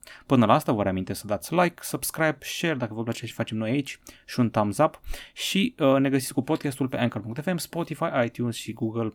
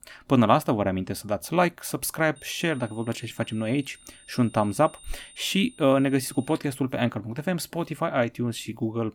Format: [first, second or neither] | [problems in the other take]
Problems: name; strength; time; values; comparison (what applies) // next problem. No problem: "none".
first | high-pitched whine; faint; from 2.5 to 6.5 s; 9 kHz, 25 dB below the speech